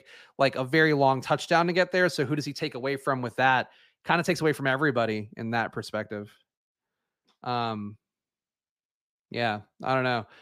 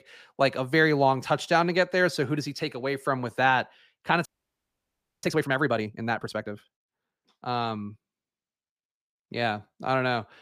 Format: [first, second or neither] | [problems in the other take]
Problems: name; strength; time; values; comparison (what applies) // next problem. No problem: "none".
first | audio freezing; at 4.5 s for 1 s